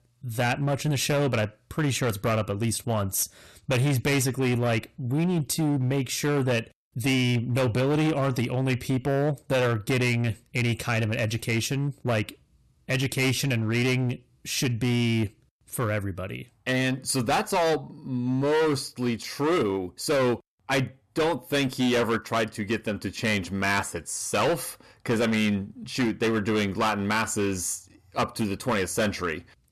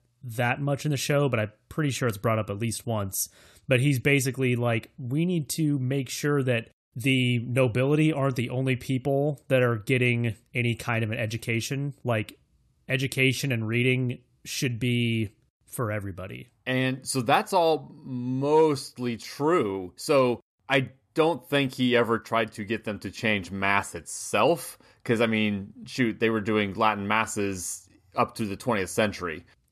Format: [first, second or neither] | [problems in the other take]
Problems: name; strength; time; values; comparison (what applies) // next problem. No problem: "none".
second | distortion; heavy; 14% of the sound clipped